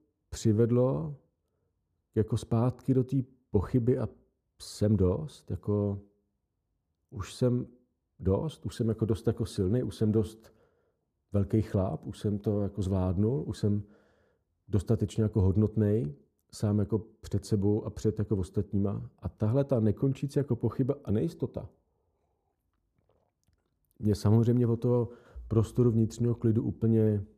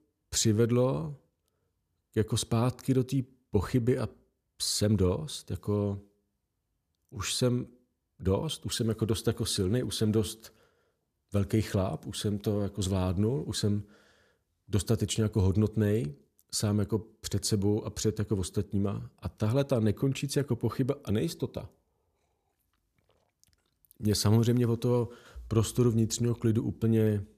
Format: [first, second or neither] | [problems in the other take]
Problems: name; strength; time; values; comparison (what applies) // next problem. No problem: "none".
second | muffled; slightly; fading above 1.5 kHz